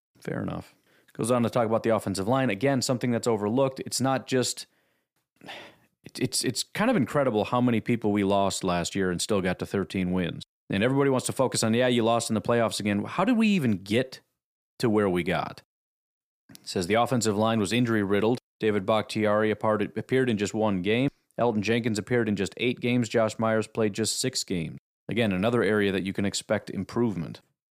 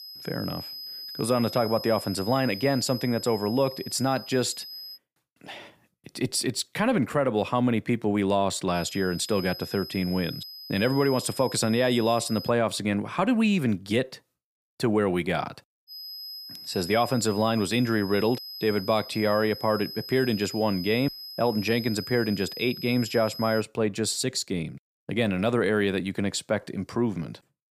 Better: first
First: none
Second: high-pitched whine; noticeable; until 5 s, from 9 to 12 s and from 16 to 24 s; 5 kHz, 10 dB below the speech

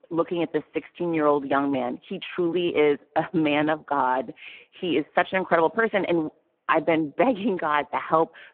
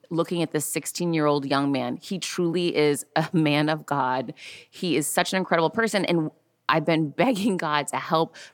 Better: second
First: phone-call audio; poor line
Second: none

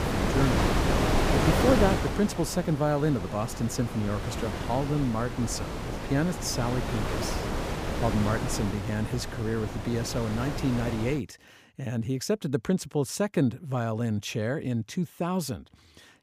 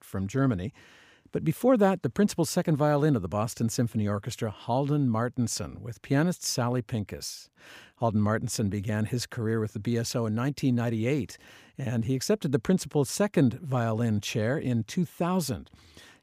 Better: second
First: wind noise on the microphone; heavy; until 11 s; as loud as the speech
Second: none

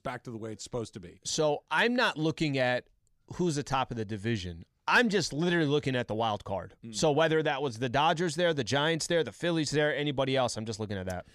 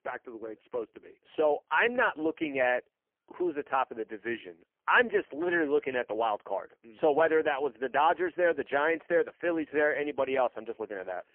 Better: first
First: none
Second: phone-call audio; poor line; nothing above 3 kHz

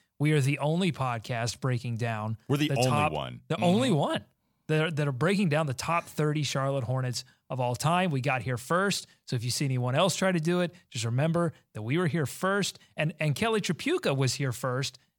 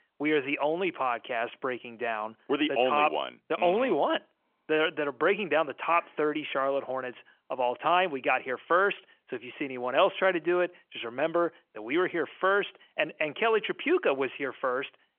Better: first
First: none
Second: phone-call audio; nothing above 3 kHz

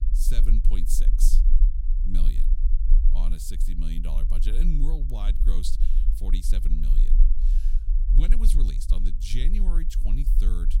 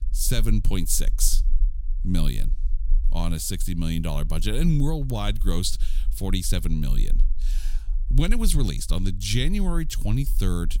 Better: second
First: low rumble; loud; throughout; 9 dB below the speech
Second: low rumble; faint; throughout; 25 dB below the speech

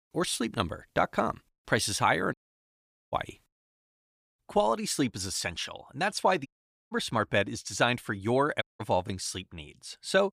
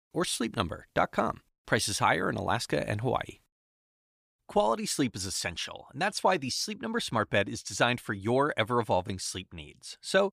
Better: second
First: audio cutting out; at 2.5 s for 1 s, at 6.5 s and at 8.5 s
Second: none

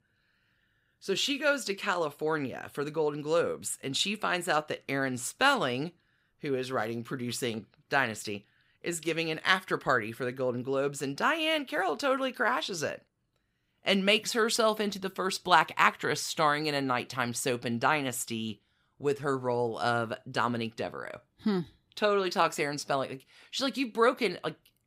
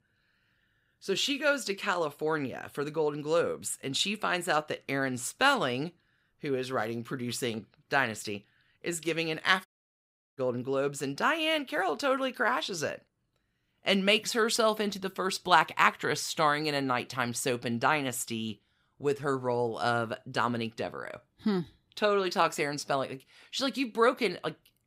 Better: first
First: none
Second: audio cutting out; at 9.5 s for 0.5 s

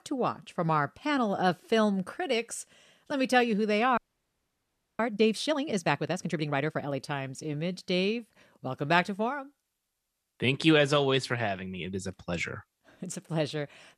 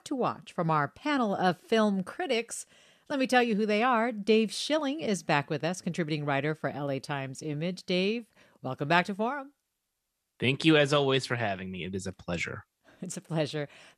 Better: second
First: audio freezing; at 4 s for 1 s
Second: none

